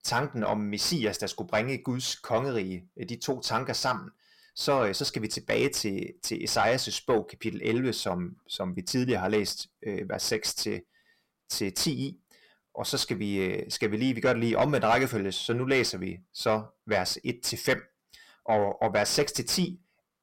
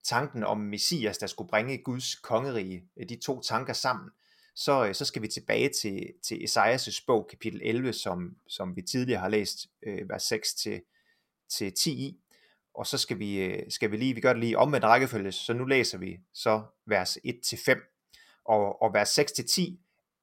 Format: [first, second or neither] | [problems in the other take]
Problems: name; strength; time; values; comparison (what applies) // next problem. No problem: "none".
second | distortion; slight; 10 dB below the speech